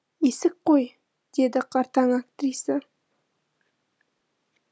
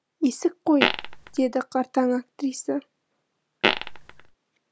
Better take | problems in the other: first | background sound (Fart); 1 dB above the speech

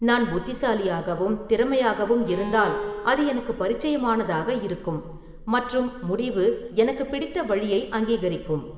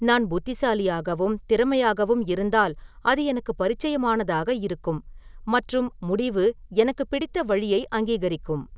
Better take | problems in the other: second | background sound (Bowed string instrument); 11 dB below the speech // room echo; dies away in 1.3 s

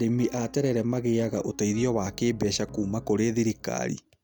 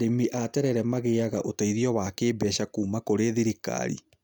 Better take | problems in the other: second | background sound (Piano); 20 dB below the speech

